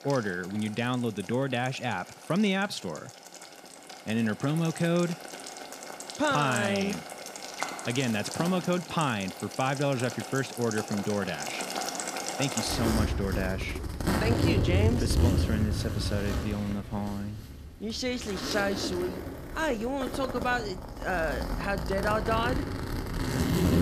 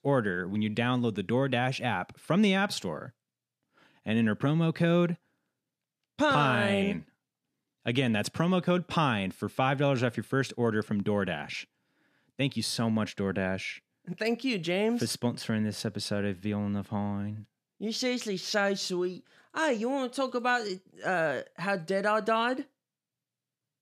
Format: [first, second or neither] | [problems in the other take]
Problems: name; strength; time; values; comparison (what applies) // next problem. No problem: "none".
second | household noises; loud; throughout; 2 dB below the speech